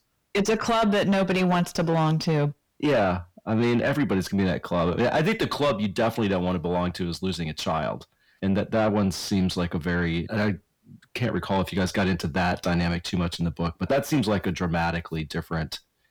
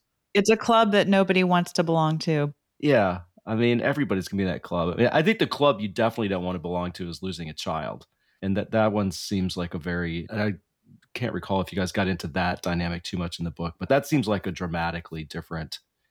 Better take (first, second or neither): second